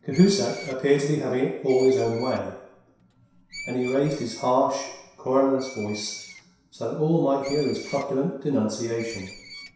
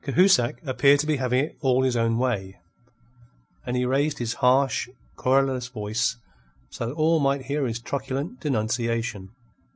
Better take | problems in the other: second | background sound (Screech); 19 dB below the speech // room echo; dies away in 0.7 s

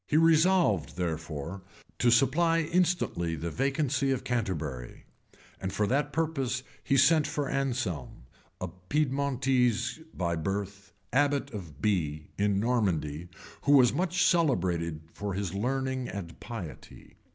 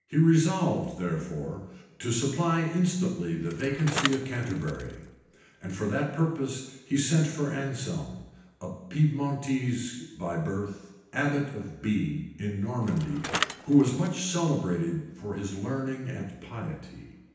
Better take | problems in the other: first | background sound (Bicycle); 8 dB below the speech // room echo; dies away in 0.9 s

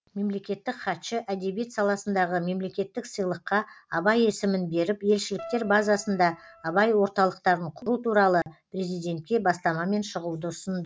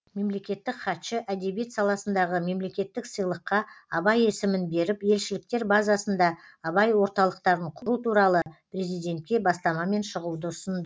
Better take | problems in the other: second | background sound (Keyboard (musical)); 17 dB below the speech

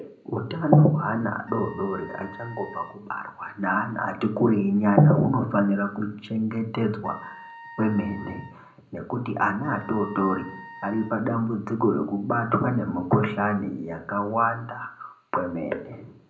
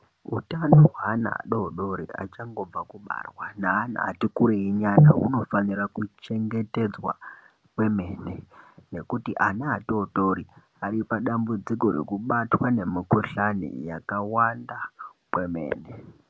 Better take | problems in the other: second | background sound (Wind instrument, woodwind instrument); 19 dB below the speech // room echo; dies away in 0.5 s

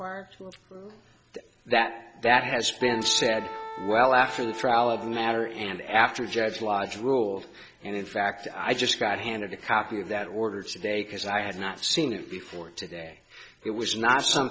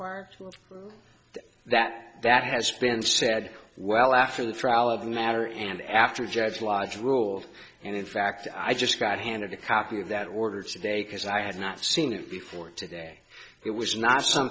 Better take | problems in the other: second | background sound (Wind instrument, woodwind instrument); 12 dB below the speech

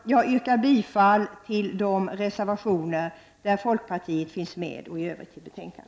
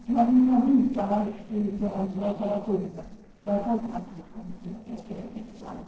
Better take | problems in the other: first | noise reduction (neural separator model SepFormer DNS4)

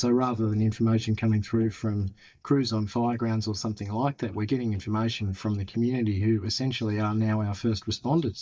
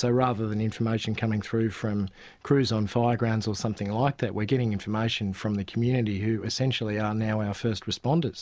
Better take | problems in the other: second | noise reduction (neural mask model DeepFilterNet 3)

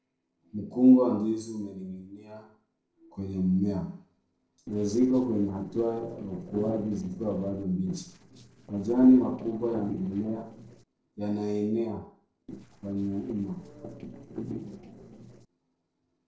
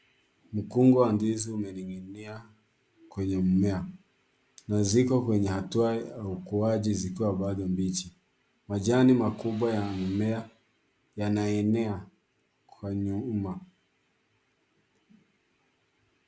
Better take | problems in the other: second | noise reduction (neural separator model SepFormer DNS4)

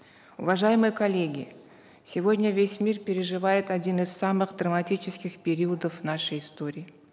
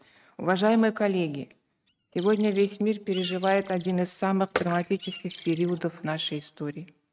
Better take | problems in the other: first | noise reduction (neural mask model RNNoise)

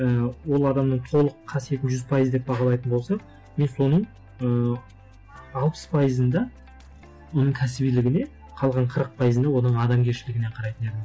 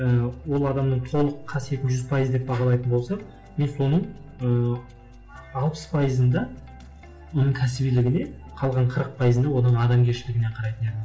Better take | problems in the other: first | room echo; dies away in 0.7 s

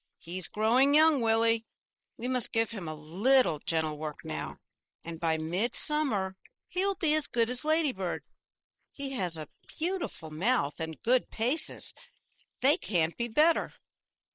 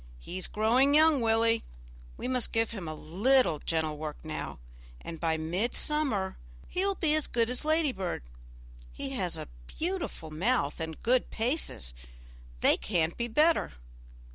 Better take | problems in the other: second | noise reduction (neural mask model Resemble Enhance denoiser)

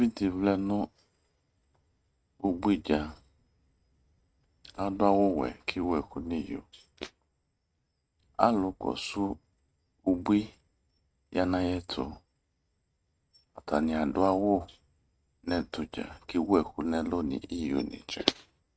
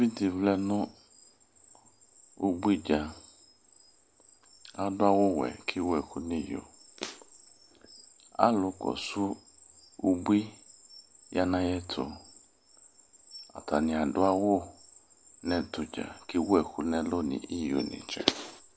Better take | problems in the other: second | noise reduction (neural mask model RNNoise)

